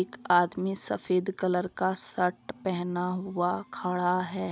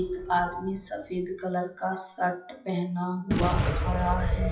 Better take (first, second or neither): first